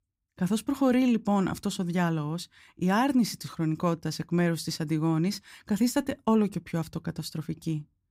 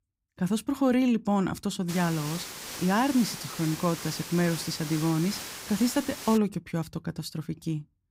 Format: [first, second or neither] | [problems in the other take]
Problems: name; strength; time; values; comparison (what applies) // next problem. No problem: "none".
first | hiss; loud; from 2 to 6.5 s; 9 dB below the speech